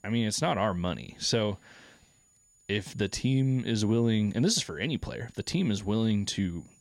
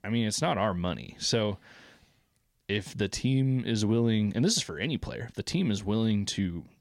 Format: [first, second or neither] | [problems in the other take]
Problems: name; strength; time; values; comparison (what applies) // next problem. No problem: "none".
second | high-pitched whine; faint; throughout; 7 kHz, 35 dB below the speech